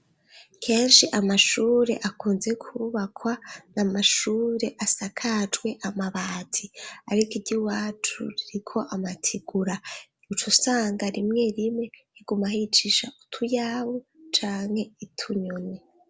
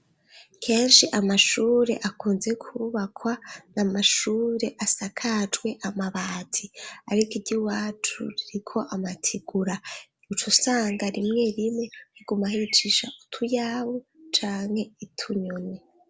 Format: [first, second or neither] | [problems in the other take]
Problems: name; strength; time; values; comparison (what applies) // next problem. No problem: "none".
first | background sound (Bird); 20 dB below the speech